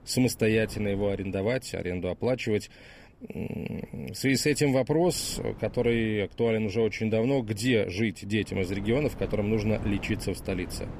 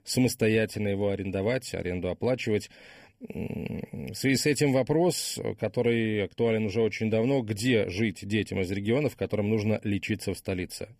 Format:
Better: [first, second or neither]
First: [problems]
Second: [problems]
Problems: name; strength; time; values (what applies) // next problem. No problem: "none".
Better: second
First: wind noise on the microphone; occasional gusts; 20 dB below the speech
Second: none